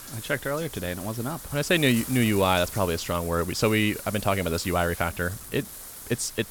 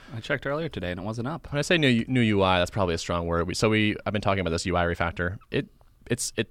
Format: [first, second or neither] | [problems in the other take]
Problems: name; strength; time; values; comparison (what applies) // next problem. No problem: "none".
second | wind noise on the microphone; occasional gusts; 15 dB below the speech